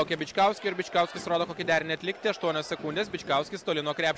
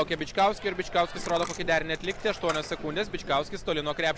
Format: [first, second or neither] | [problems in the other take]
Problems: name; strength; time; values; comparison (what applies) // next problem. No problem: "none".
first | background sound (Coin (dropping)); 12 dB below the speech